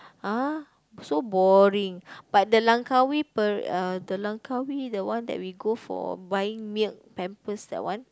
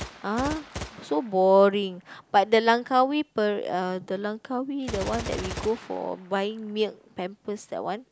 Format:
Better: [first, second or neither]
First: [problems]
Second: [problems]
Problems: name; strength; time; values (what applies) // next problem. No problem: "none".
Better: first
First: none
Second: background sound (Gunshot, gunfire); 15 dB below the speech